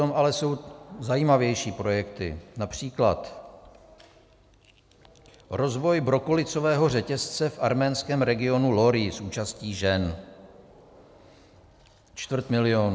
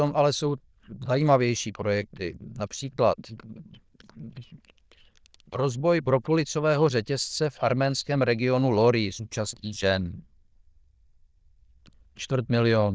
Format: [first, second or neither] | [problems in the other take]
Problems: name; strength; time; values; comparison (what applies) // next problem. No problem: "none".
first | noise reduction (neural diffusion model UNIVERSE++)